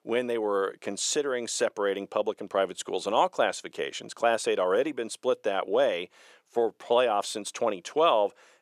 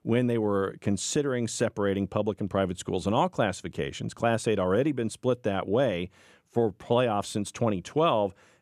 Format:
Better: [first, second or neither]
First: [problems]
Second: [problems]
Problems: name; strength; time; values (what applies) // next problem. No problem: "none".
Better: second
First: thin; somewhat; fading below 500 Hz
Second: none